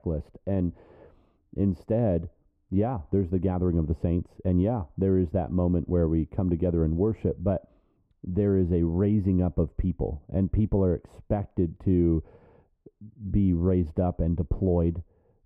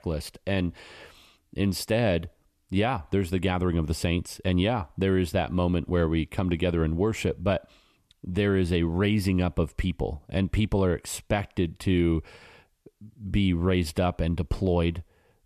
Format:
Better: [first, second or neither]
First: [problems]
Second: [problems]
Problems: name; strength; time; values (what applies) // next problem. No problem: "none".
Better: second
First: muffled; very; fading above 1.5 kHz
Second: none